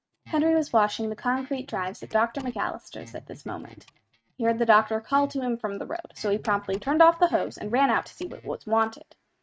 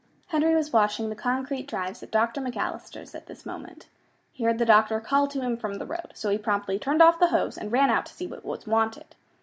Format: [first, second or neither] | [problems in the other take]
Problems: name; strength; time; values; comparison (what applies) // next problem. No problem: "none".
second | noise reduction (neural mask model RNNoise)